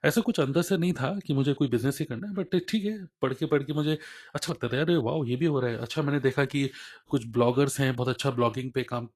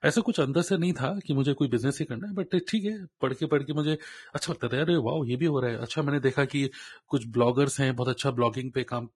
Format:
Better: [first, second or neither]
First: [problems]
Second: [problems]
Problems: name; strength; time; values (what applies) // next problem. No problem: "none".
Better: first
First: garbled, watery; slightly; nothing above 12.5 kHz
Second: garbled, watery; badly; nothing above 11 kHz